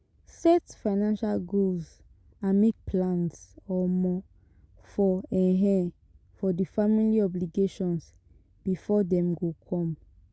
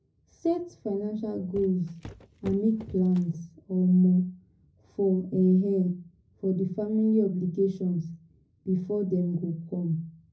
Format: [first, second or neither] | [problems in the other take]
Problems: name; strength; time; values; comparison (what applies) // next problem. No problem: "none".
first | background sound (Walk, footsteps); 17 dB below the speech // room echo; dies away in 0.4 s